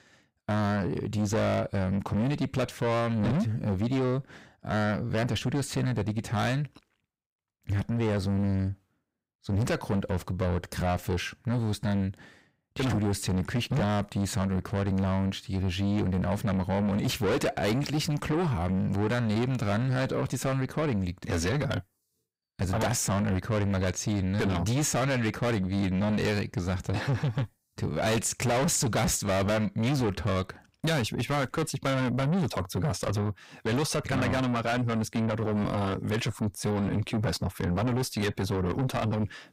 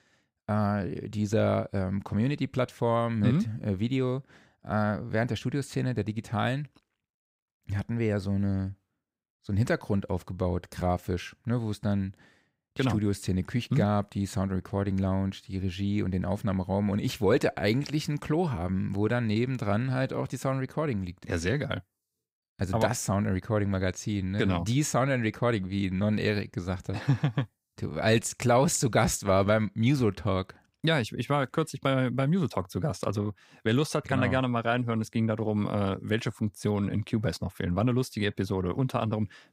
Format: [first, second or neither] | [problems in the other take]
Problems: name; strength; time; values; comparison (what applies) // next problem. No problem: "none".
second | distortion; heavy; 7 dB below the speech